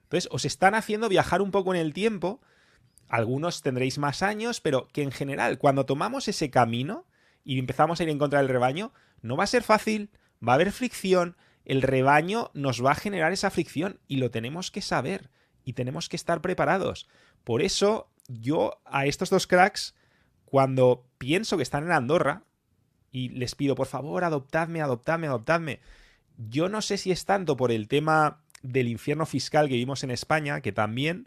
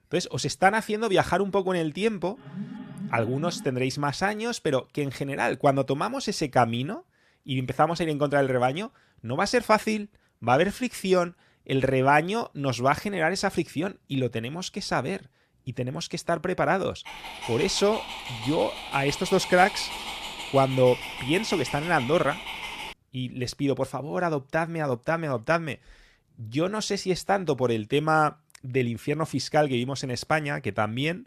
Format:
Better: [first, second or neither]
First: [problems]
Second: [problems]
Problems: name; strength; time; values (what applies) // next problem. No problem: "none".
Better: first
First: none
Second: alarm; faint; from 2.5 to 3.5 s; peak 10 dB below the speech // dog barking; noticeable; from 17 to 23 s; peak 7 dB below the speech